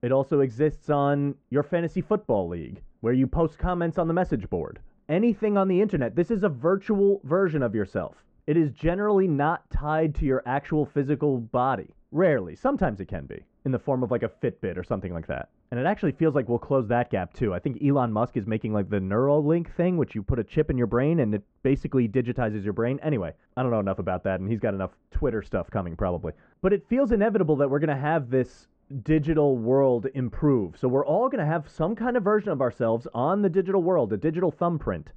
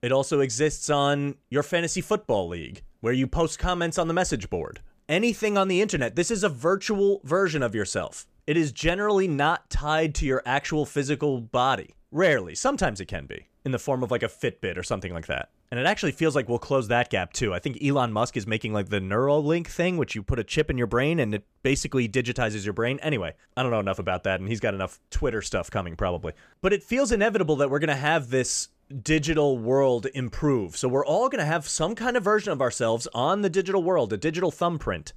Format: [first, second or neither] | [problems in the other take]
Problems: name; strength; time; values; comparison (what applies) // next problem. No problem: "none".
second | muffled; very; fading above 1.5 kHz